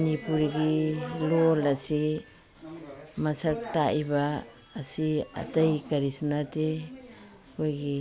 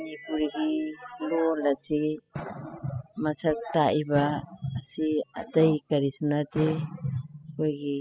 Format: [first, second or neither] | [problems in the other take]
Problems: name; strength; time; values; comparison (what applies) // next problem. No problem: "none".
first | noise reduction (classical method spectral subtraction)